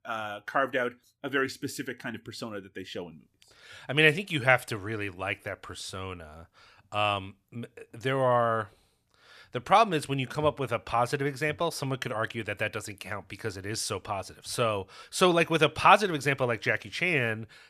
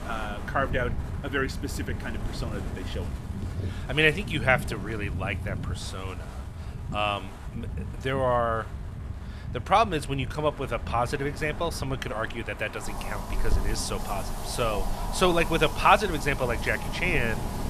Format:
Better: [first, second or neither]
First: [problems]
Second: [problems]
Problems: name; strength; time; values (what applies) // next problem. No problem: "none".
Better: first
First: none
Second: wind in the background; loud; throughout; 7 dB below the speech